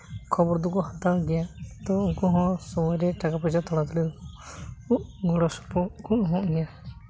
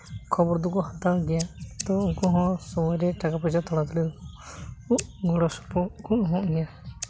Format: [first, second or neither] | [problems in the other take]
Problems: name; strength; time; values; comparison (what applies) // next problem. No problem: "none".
first | background sound (Scissors); 20 dB below the speech